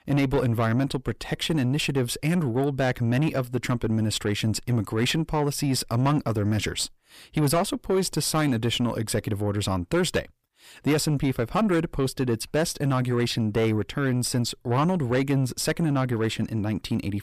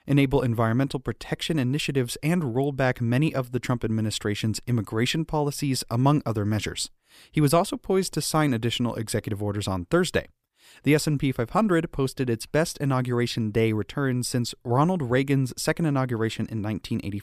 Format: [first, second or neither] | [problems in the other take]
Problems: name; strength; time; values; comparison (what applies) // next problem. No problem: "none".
second | distortion; slight; 10 dB below the speech